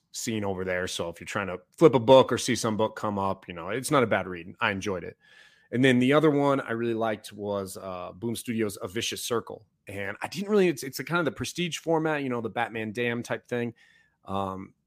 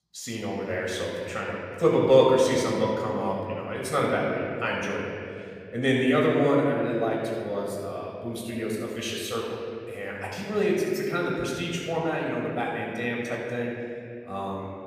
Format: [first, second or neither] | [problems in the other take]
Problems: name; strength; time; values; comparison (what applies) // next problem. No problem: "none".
first | off-mic speech; far // room echo; noticeable; dies away in 2.4 s